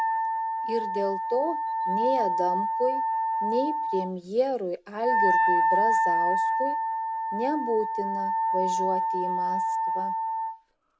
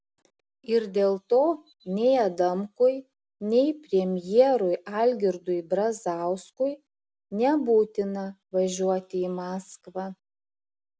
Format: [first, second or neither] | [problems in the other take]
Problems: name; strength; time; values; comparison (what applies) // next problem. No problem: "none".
second | background sound (Wind instrument, woodwind instrument); 5 dB above the speech